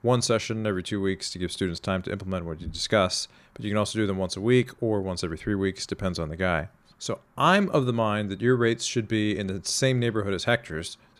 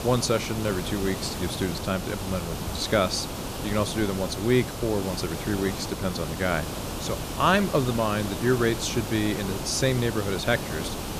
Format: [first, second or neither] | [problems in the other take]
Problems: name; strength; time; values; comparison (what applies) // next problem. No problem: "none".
first | hiss; loud; throughout; 6 dB below the speech